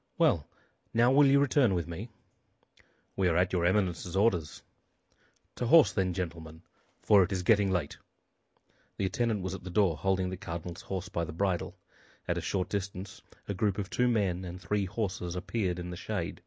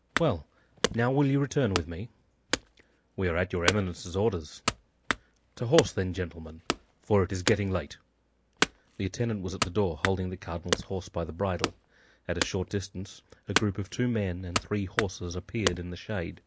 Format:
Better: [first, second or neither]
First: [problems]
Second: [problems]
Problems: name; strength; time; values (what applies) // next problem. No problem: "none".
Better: first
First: none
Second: background sound (Wood / Domestic sounds, home sounds); 5 dB below the speech